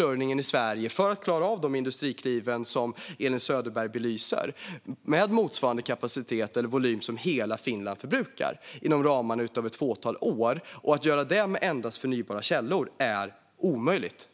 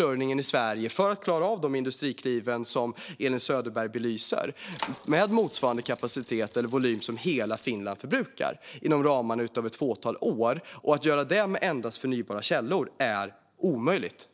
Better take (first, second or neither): first